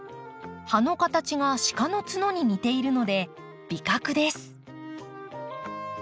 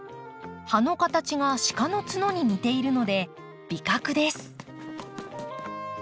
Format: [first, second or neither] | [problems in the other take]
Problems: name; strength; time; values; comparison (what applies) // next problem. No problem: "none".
first | background sound (Run + Strum); 17 dB below the speech